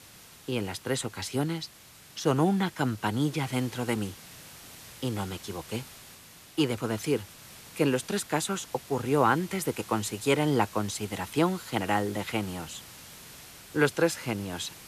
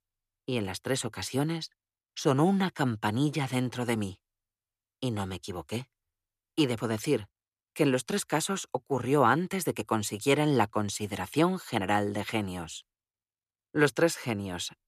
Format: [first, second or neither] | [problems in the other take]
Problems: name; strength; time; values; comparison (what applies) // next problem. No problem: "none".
second | hiss; noticeable; throughout; 15 dB below the speech